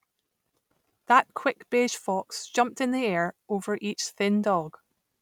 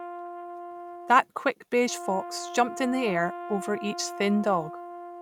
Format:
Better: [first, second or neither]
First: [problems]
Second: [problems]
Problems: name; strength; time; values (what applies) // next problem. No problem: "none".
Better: first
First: none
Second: background sound (Brass instrument); 11 dB below the speech